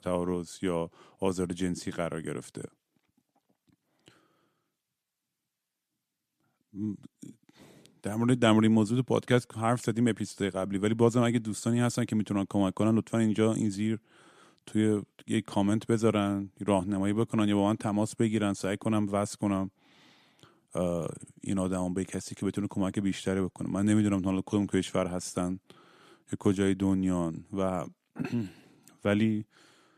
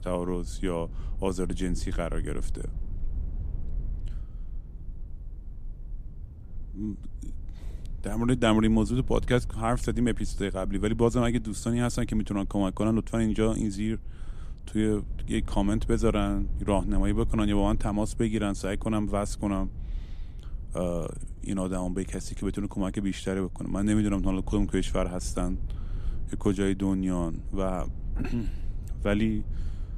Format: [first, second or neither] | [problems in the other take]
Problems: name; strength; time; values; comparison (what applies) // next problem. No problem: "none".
first | low rumble; faint; throughout; 25 dB below the speech